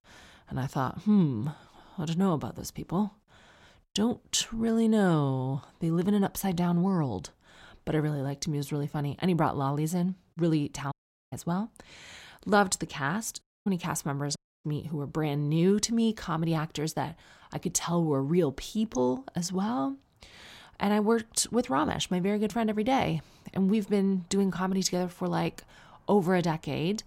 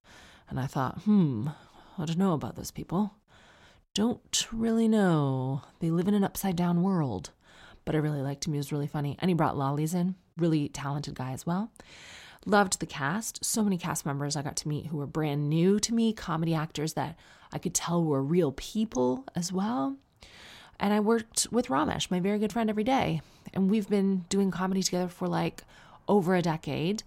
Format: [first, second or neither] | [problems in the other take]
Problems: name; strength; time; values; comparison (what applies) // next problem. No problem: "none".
second | audio cutting out; at 11 s, at 13 s and at 14 s